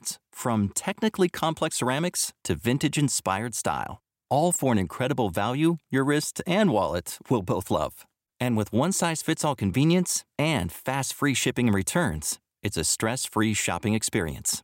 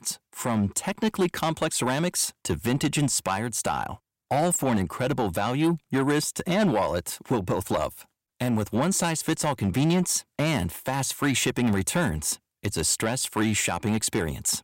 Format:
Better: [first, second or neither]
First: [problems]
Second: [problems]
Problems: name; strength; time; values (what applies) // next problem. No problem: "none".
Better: first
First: none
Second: distortion; slight; 10 dB below the speech